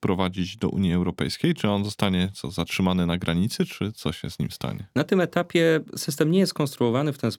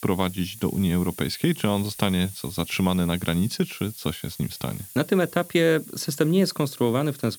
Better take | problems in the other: first | hiss; noticeable; throughout; 15 dB below the speech

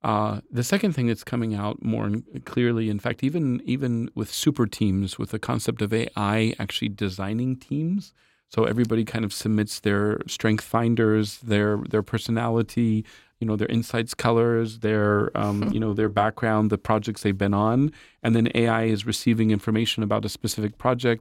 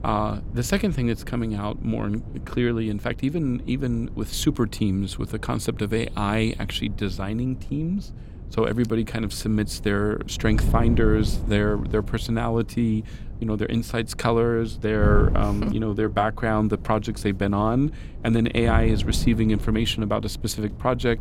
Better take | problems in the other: first | wind noise on the microphone; occasional gusts; 15 dB below the speech

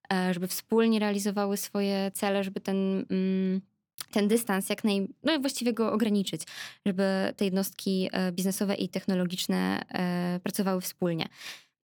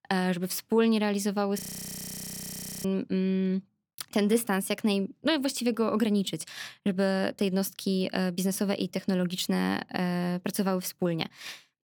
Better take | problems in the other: first | audio freezing; at 1.5 s for 1 s

